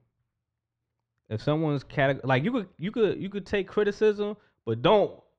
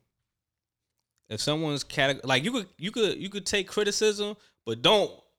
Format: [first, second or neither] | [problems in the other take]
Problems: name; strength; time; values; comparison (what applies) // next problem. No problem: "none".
second | muffled; very; fading above 1.5 kHz